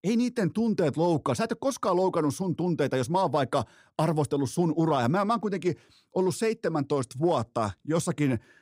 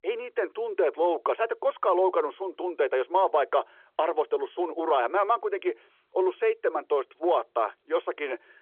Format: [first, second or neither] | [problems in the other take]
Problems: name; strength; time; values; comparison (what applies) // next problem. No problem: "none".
first | phone-call audio; nothing above 3.5 kHz